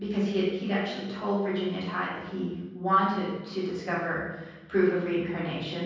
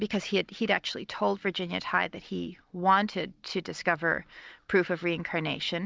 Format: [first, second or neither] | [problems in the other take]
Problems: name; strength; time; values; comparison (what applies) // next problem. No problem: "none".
second | room echo; dies away in 1.3 s